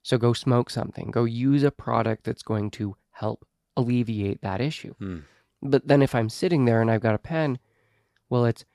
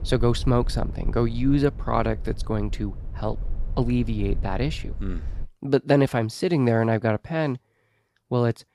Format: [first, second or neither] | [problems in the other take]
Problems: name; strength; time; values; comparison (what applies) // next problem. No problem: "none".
first | low rumble; faint; until 5.5 s; 25 dB below the speech